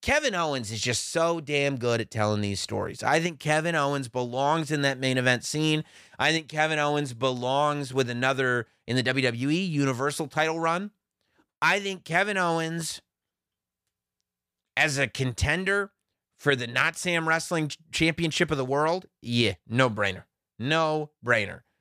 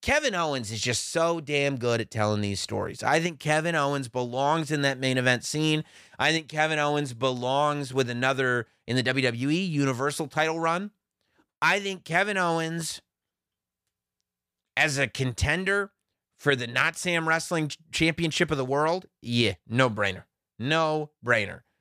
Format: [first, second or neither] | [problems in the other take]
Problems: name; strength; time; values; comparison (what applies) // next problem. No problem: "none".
neither | none